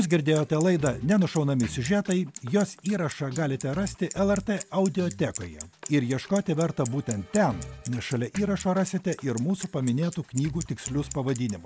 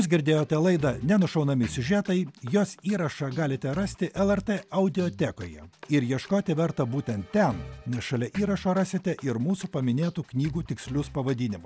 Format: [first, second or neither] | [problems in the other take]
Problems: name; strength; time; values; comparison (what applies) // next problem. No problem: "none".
second | background sound (Bicycle); 18 dB below the speech